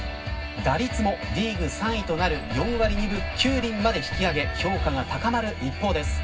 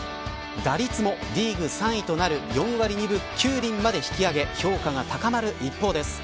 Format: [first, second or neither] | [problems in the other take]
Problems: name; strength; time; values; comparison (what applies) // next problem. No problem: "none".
second | background sound (Car passing by); 13 dB below the speech // room echo; dies away in 0.4 s